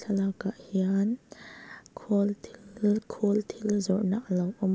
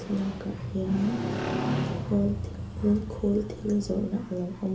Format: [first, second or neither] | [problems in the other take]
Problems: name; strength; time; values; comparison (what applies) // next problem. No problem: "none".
first | background sound (Motorcycle); 4 dB below the speech // room echo; dies away in 0.3 s